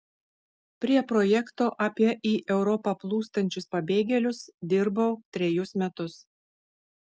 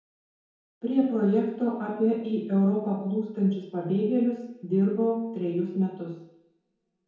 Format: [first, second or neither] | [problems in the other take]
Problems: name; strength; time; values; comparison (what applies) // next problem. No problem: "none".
first | room echo; dies away in 0.9 s